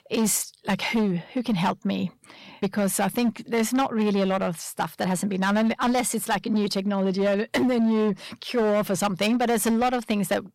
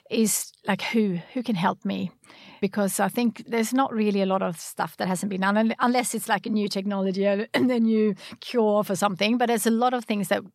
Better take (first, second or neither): second